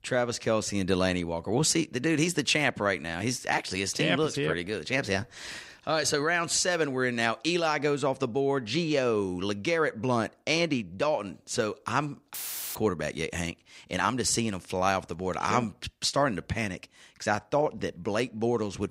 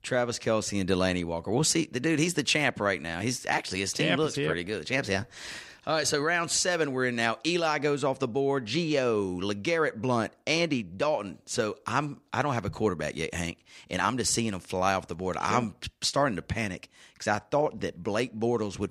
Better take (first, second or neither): second